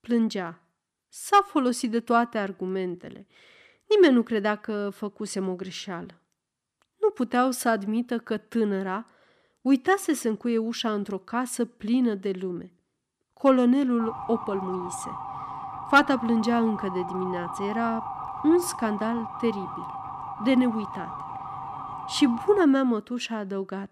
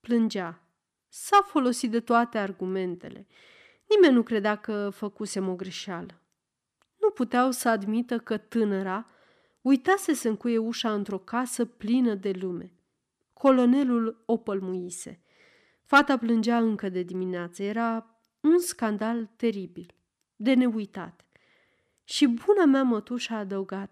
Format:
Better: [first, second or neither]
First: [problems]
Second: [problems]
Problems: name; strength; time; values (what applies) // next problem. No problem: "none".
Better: second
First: siren; noticeable; from 14 to 23 s; peak 9 dB below the speech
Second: none